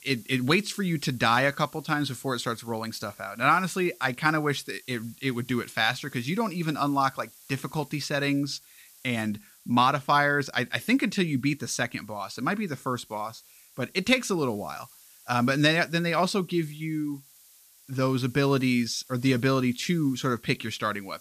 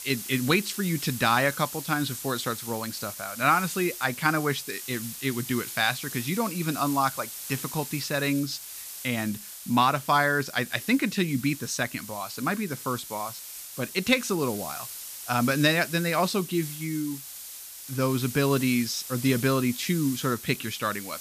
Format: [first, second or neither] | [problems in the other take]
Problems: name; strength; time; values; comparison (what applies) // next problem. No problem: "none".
first | hiss; loud; throughout; 10 dB below the speech; faint in the first